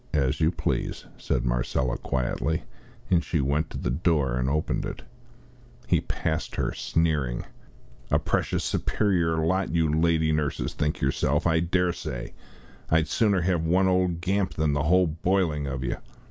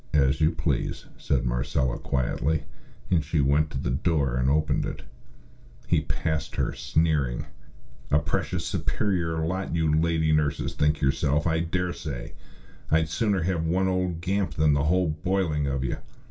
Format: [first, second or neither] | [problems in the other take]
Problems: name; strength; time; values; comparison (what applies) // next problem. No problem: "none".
first | room echo; dies away in 0.2 s